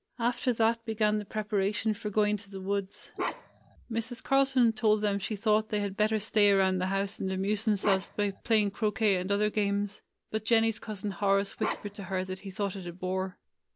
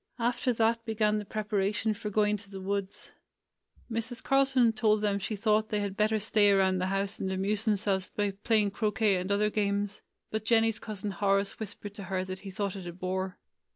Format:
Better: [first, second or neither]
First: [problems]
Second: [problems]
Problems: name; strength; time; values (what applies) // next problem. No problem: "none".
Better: second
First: background sound (Bark); 8 dB below the speech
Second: none